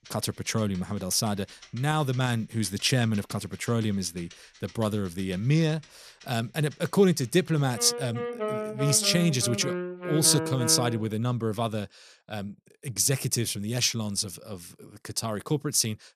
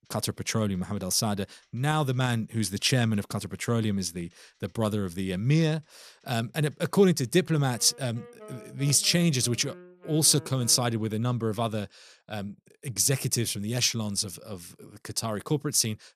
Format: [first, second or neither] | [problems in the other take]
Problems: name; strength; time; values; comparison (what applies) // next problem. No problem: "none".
second | background music; loud; until 11 s; 7 dB below the speech; faint in the second